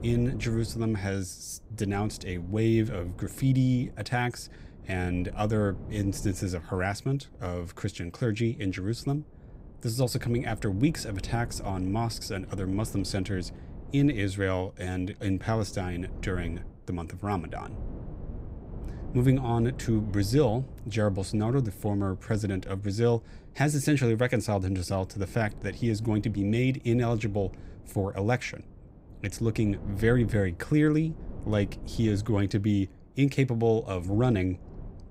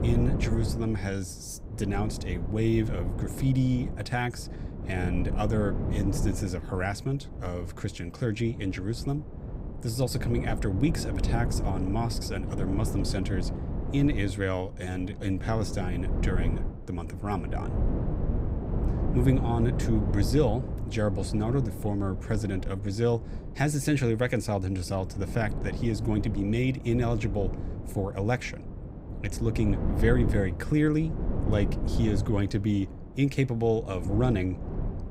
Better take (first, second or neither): first